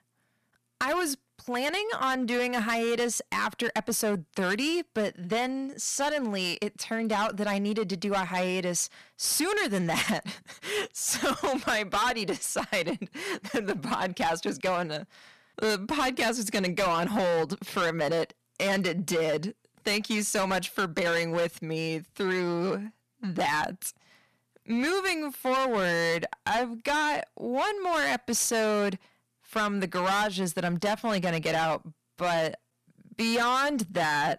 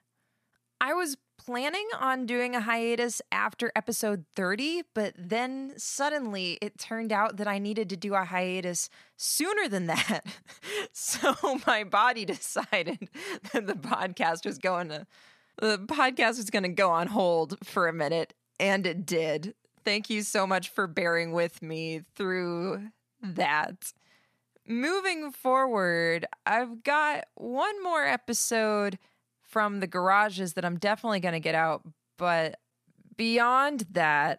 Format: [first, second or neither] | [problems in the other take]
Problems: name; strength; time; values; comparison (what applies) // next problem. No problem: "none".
second | distortion; heavy; 14% of the sound clipped